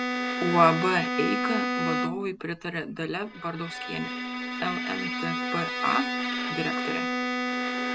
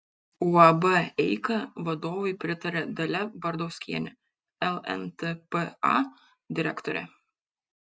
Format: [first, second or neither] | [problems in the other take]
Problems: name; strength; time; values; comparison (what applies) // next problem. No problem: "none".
second | background sound (Bowed string instrument); as loud as the speech